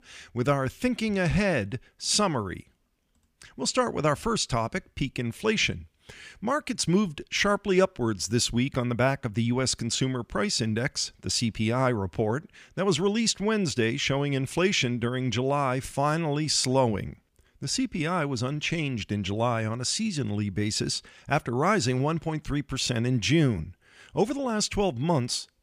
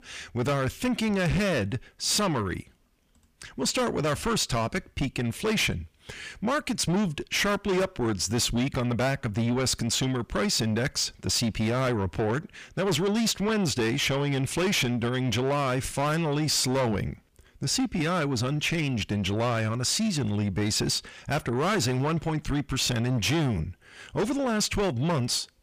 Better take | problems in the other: first | distortion; heavy; 7 dB below the speech

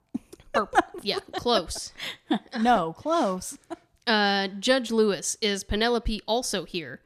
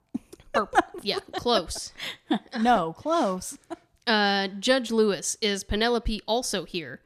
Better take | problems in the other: neither | none

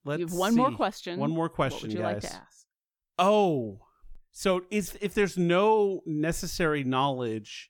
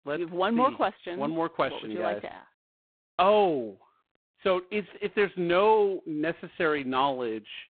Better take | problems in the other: first | phone-call audio; poor line; nothing above 3.5 kHz

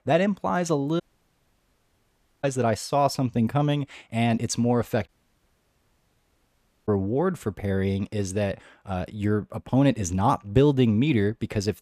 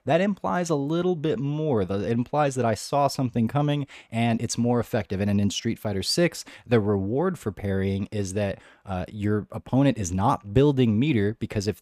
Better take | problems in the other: second | audio cutting out; at 1 s for 1.5 s and at 5 s for 2 s

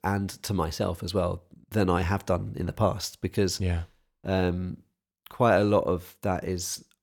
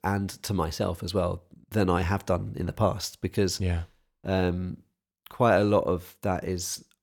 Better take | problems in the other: neither | none

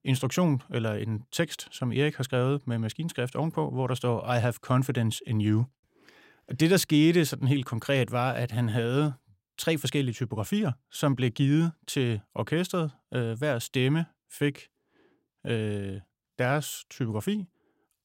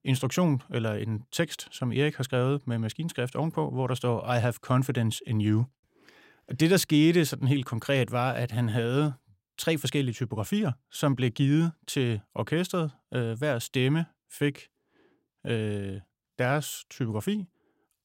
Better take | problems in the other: neither | none

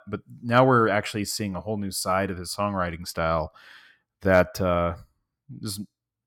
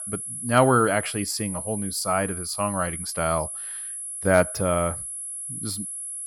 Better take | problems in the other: first | high-pitched whine; loud; throughout; 11 kHz, 6 dB below the speech

